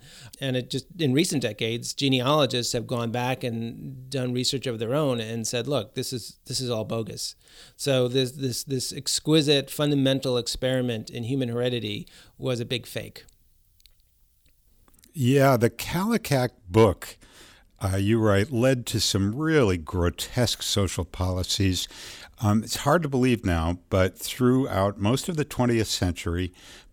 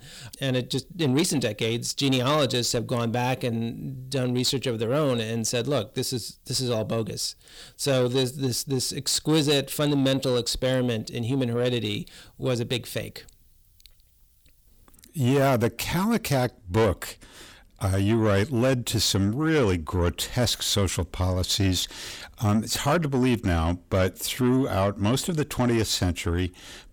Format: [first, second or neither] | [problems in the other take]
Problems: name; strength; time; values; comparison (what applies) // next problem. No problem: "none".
first | distortion; slight; 10 dB below the speech